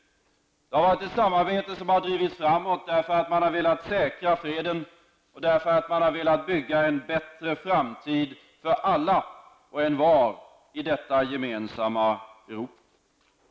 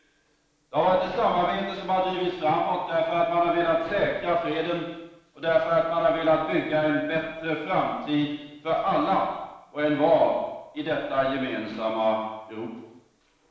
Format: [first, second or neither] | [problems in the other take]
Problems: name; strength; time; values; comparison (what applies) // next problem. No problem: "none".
first | room echo; dies away in 0.9 s